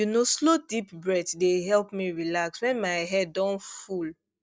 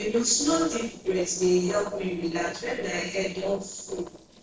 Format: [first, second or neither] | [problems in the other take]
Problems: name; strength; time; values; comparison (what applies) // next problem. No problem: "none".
first | noise reduction (neural separator model SepFormer DNS4)